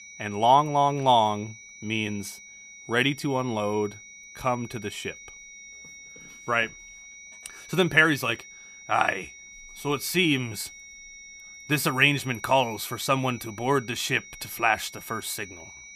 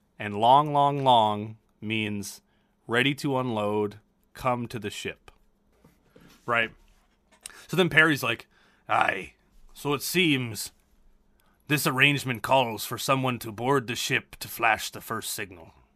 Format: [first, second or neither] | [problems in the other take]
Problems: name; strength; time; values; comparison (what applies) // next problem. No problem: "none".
second | high-pitched whine; noticeable; throughout; 2 kHz, 20 dB below the speech